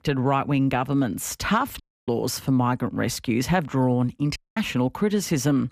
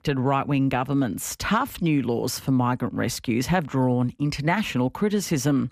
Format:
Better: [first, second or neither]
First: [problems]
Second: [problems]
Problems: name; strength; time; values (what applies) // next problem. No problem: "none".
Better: second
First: audio cutting out; at 2 s and at 4.5 s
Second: none